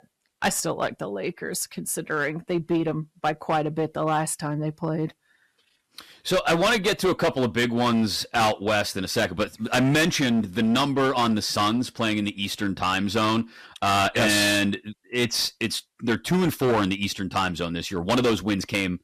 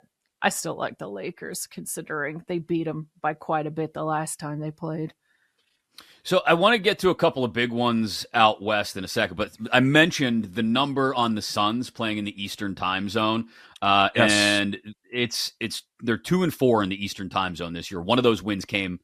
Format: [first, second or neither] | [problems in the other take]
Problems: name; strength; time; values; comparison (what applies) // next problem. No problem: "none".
second | distortion; heavy; 11% of the sound clipped